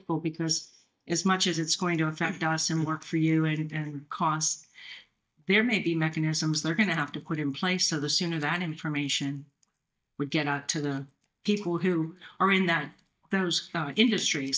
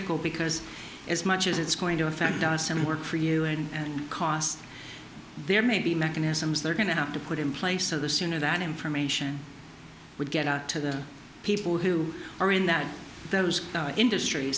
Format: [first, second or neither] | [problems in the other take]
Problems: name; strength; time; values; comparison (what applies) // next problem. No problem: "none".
second | noise reduction (neural mask model DeepFilterNet 3)